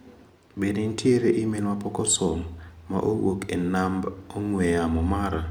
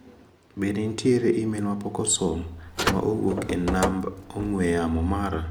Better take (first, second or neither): first